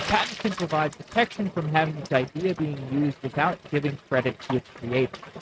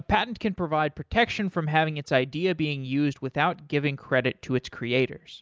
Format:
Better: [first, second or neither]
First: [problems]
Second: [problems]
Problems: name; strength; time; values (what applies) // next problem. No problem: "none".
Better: second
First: noise reduction (neural mask model RNNoise)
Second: none